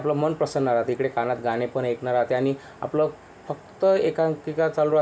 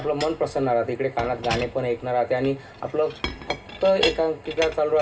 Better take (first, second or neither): first